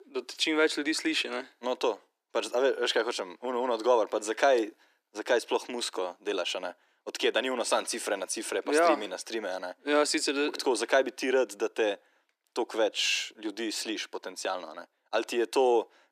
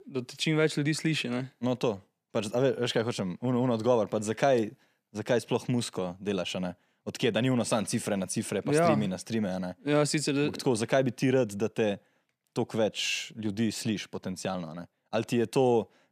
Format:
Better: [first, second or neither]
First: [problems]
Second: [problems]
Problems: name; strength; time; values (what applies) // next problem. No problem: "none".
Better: second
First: thin; somewhat; fading below 300 Hz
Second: none